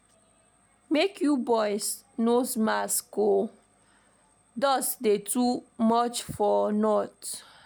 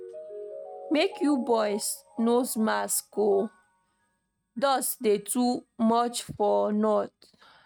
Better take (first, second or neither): first